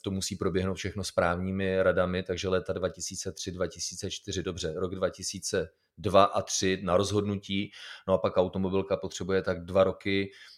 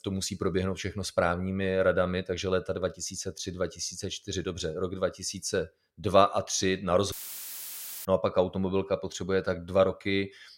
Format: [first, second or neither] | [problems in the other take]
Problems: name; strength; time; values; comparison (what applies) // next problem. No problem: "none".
first | audio cutting out; filled with static; at 7 s for 1 s